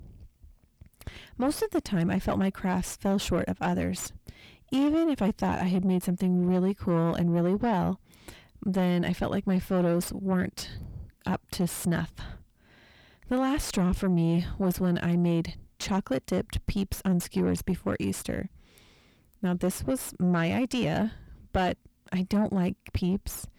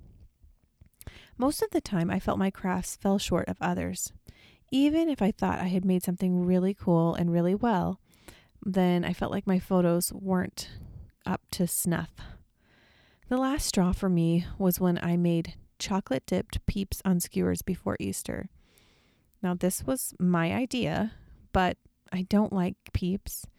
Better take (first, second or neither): second